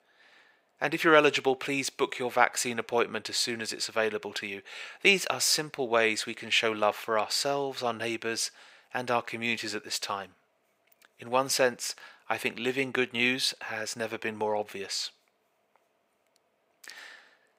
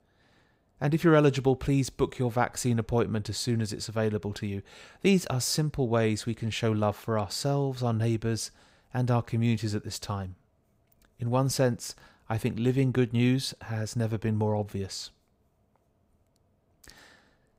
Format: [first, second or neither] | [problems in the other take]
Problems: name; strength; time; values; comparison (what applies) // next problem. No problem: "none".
second | thin; very; fading below 450 Hz